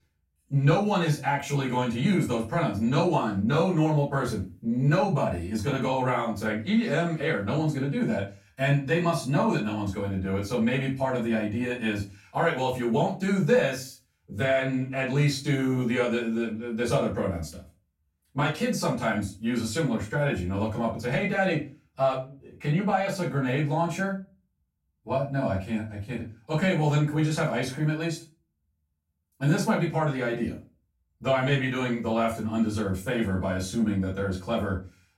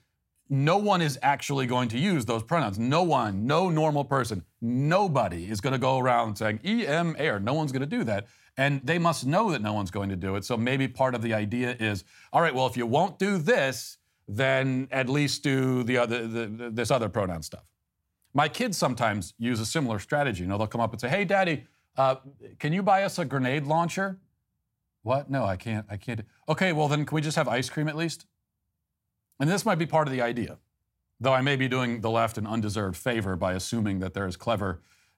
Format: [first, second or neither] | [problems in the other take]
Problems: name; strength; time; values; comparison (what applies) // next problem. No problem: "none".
second | off-mic speech; far // room echo; slight; dies away in 0.3 s